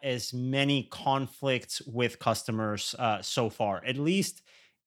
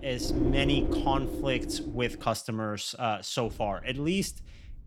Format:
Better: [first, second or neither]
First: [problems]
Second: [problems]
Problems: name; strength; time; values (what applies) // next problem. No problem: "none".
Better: first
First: none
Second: wind noise on the microphone; heavy; until 2.5 s and from 3.5 s on; 4 dB below the speech